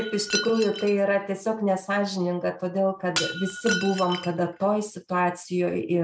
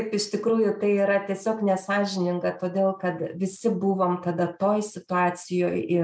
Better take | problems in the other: second | background sound (Shatter); 10 dB below the speech

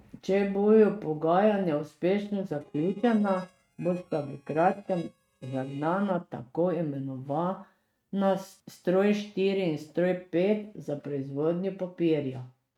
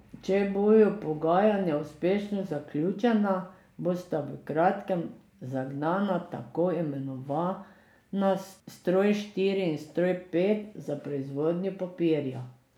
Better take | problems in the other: second | noise reduction (neural mask model RNNoise)

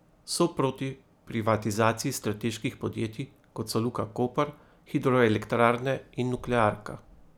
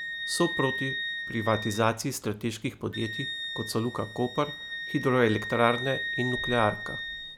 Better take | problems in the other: first | background sound (Wind instrument, woodwind instrument); 7 dB below the speech

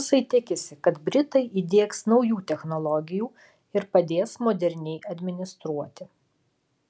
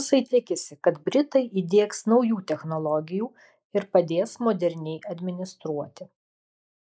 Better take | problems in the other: first | noise reduction (neural mask model Resemble Enhance denoiser)

